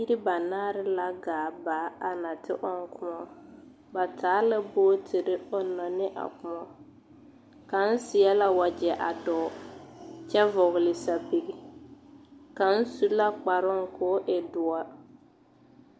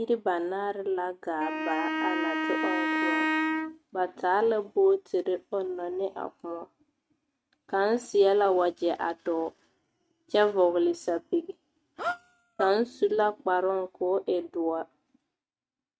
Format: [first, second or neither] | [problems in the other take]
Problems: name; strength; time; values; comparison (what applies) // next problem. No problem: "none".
first | noise reduction (neural mask model RNNoise)